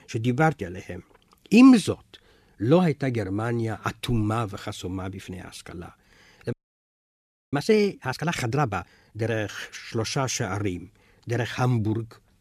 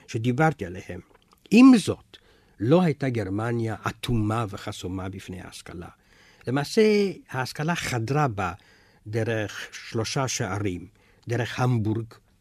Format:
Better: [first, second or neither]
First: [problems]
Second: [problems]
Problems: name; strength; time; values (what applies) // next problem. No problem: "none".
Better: second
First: audio freezing; at 6.5 s for 1 s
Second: none